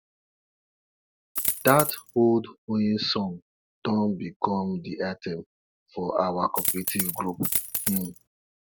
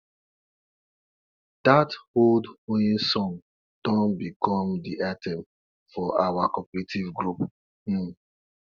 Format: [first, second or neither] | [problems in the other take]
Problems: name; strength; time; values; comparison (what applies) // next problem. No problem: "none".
second | background sound (Coin (dropping)); 1 dB below the speech